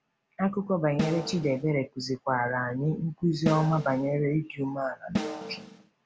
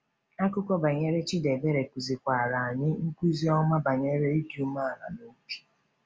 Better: second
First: background sound (Snare drum); 5 dB below the speech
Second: none

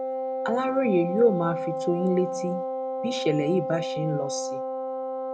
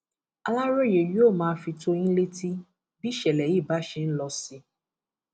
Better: second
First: background sound (Wind instrument, woodwind instrument); 3 dB below the speech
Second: none

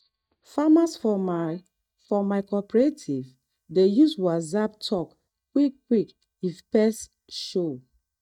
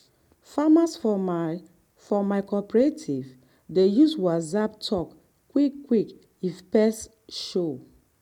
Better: second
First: noise reduction (neural mask model DeepFilterNet 3)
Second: none

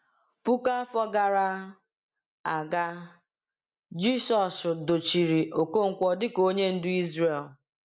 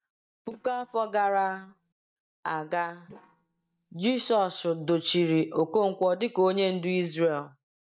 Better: first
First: none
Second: noise reduction (neural mask model DeepFilterNet 3)

